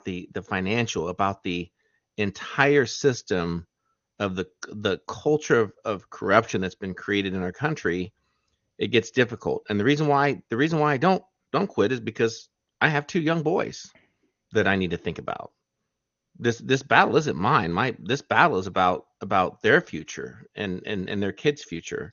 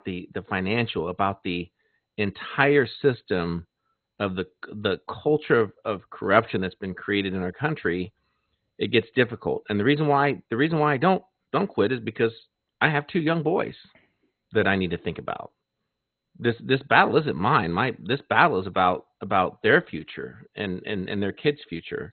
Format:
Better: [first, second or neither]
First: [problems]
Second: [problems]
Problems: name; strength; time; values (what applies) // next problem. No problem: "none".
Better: first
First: garbled, watery; slightly; nothing above 6.5 kHz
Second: garbled, watery; badly; nothing above 4 kHz